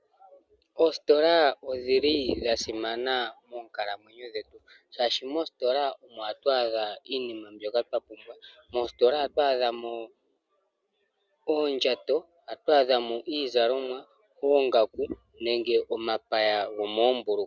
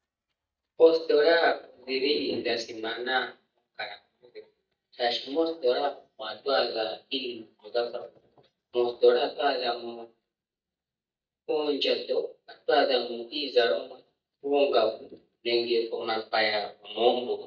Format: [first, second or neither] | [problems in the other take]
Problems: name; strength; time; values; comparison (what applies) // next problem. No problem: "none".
first | noise reduction (neural mask model DeepFilterNet 3)